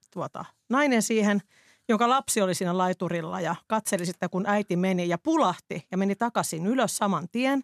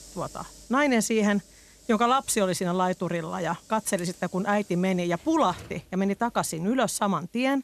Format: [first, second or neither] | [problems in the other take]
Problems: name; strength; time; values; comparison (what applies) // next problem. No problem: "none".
first | hiss; faint; throughout; 25 dB below the speech